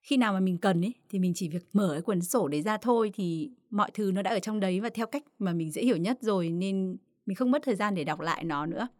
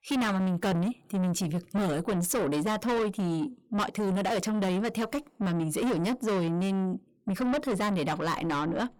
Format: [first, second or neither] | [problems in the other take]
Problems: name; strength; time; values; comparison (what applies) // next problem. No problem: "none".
first | distortion; heavy; 7 dB below the speech